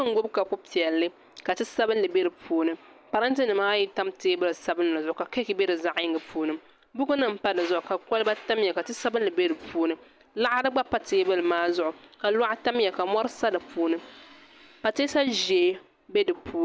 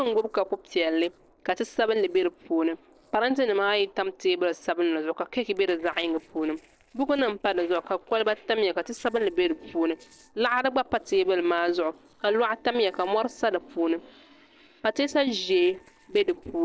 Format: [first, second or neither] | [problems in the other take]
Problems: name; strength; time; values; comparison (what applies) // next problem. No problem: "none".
first | noise reduction (neural separator model SepFormer DNS4)